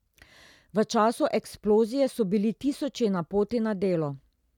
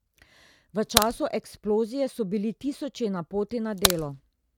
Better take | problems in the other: first | background sound (Crack); 3 dB above the speech

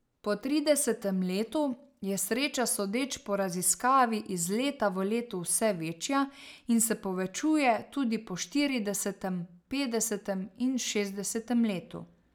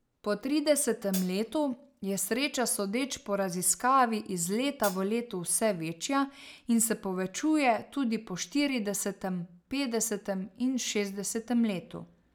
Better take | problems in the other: first | background sound (Hi-hat); 11 dB below the speech

